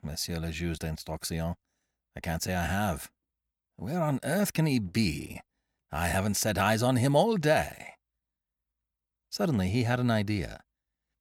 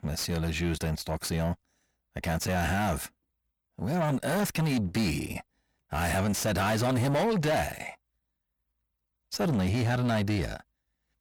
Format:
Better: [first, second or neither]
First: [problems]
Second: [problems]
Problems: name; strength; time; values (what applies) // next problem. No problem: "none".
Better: first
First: none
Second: distortion; heavy; 7 dB below the speech